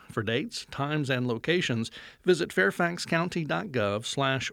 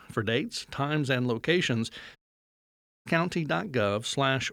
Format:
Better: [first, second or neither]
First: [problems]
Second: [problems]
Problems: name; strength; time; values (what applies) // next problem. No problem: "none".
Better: first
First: none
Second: audio cutting out; at 2 s for 1 s